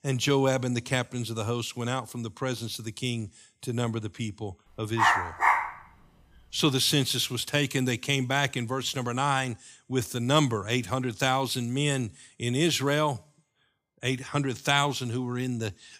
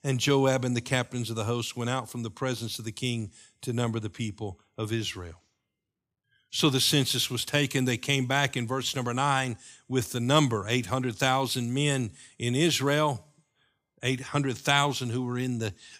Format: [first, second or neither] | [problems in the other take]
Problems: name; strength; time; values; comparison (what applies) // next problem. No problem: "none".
second | dog barking; loud; at 5 s; peak 4 dB above the speech